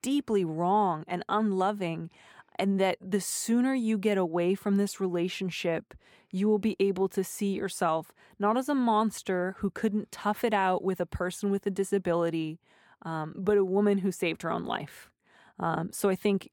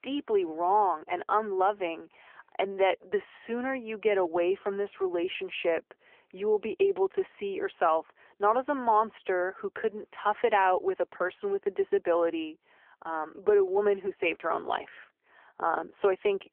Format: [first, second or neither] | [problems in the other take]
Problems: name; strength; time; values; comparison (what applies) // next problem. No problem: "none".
first | phone-call audio; nothing above 3 kHz